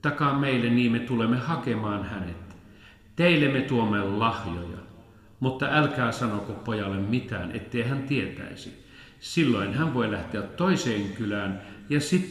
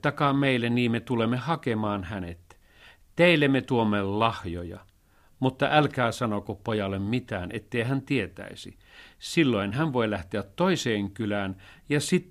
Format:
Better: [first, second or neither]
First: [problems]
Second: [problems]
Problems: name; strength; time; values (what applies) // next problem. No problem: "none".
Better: second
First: room echo; slight; dies away in 1.8 s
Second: none